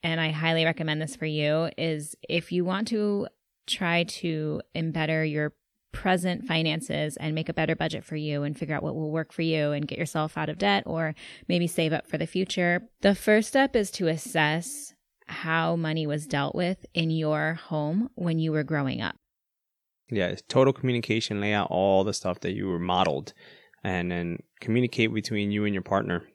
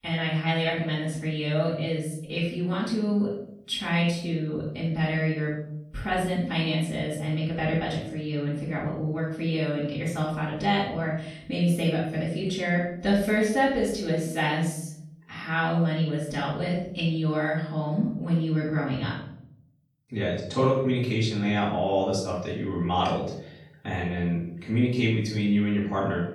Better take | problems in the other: first | room echo; noticeable; dies away in 0.7 s // off-mic speech; far

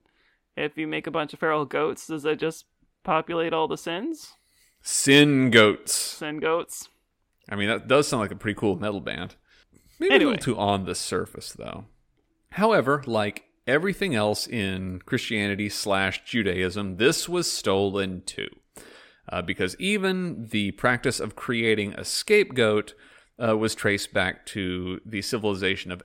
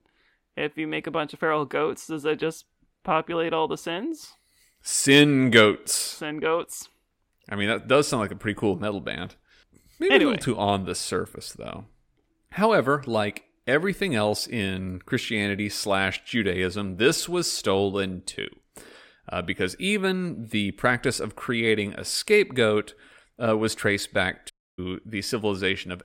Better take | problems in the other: first | audio cutting out; at 25 s

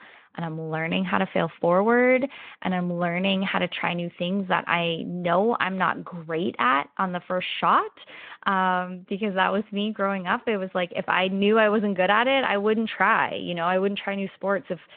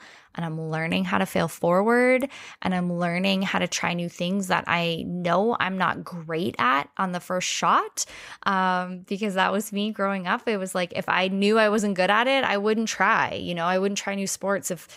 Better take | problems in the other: second | phone-call audio

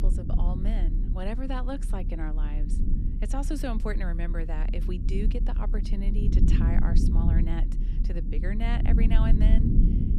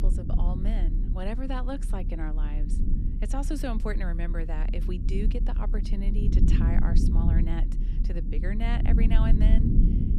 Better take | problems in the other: neither | low rumble; loud; throughout; 3 dB below the speech; the same in both

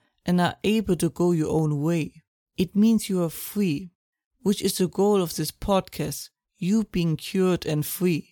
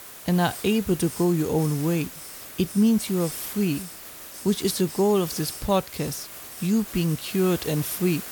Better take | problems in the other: first | hiss; noticeable; throughout; 10 dB below the speech

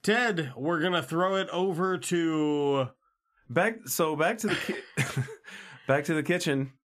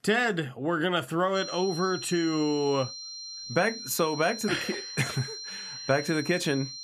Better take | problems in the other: first | high-pitched whine; loud; from 1.5 s on; 4 kHz, 9 dB below the speech

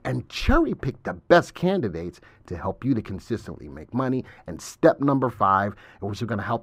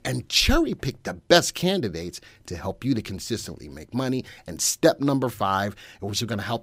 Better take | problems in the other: second | muffled; very; fading above 2.5 kHz

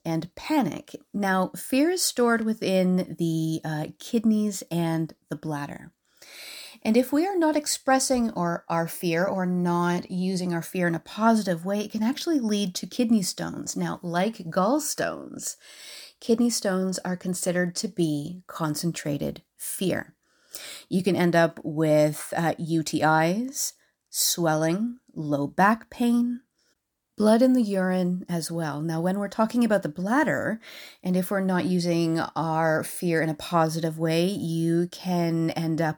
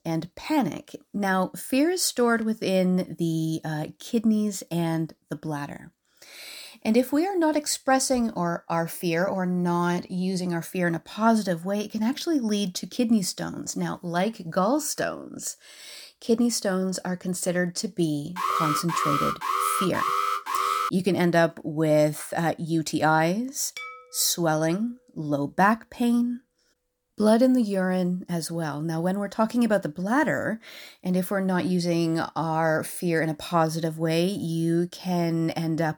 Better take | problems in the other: first | alarm; loud; from 18 to 21 s; peak 1 dB above the speech // clattering dishes; faint; at 24 s; peak 10 dB below the speech

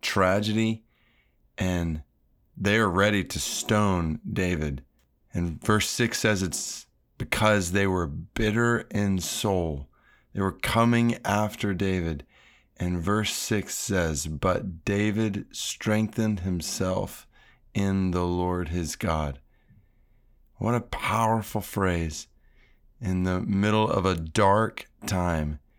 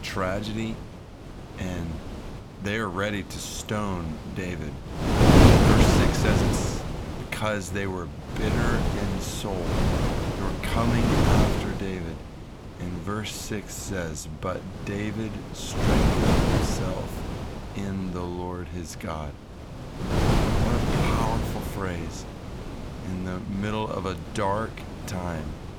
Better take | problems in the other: first | wind noise on the microphone; heavy; 4 dB above the speech

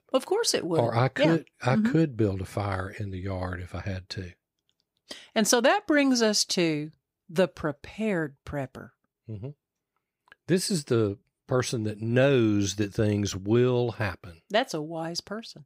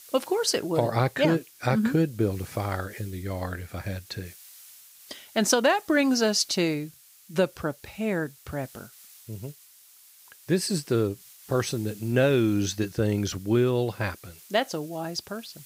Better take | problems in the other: first | hiss; faint; throughout; 20 dB below the speech

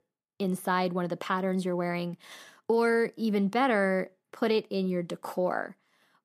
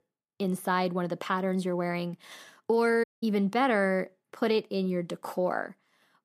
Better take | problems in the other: first | audio cutting out; at 3 s

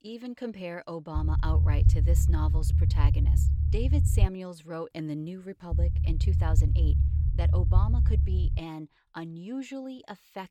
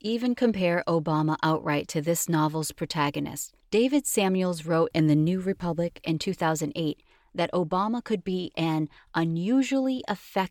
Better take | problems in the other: second | low rumble; loud; from 1 to 4.5 s and from 5.5 to 8.5 s; 3 dB below the speech

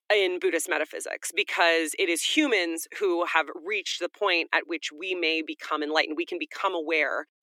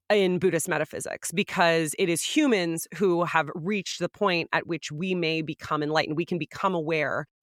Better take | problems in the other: second | thin; somewhat; fading below 300 Hz

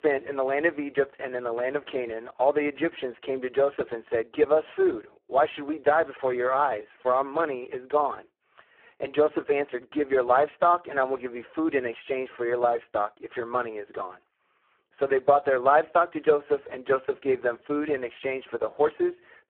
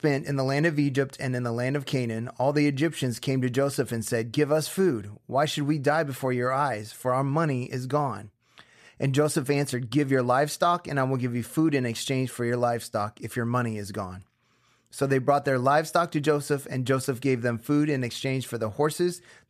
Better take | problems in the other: second | phone-call audio; poor line

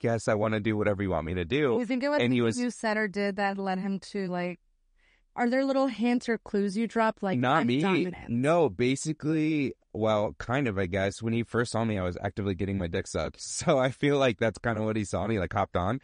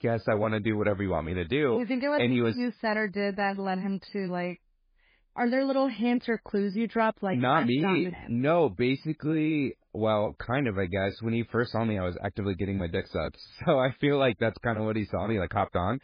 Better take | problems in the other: first | garbled, watery; badly; slightly in the first

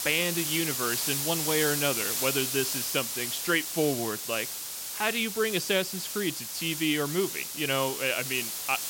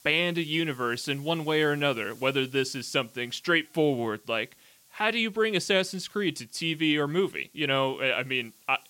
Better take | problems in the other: second | hiss; loud; throughout; 1 dB below the speech; faint in the second

